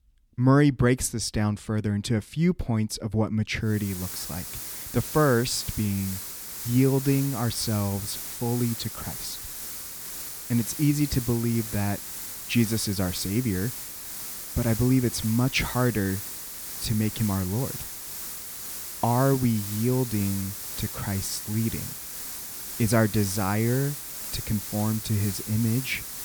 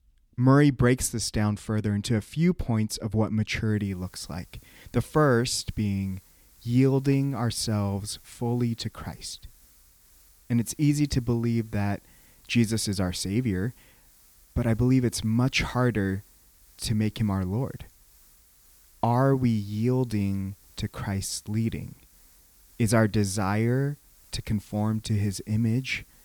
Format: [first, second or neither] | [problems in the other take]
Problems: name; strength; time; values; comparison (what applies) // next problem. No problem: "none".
second | hiss; loud; from 4 s on; 7 dB below the speech; faint in the second